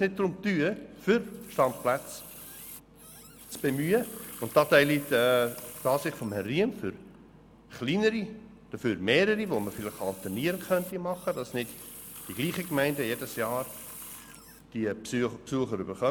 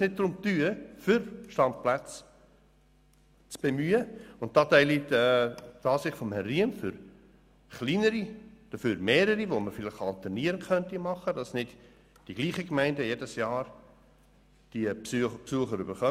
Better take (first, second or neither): second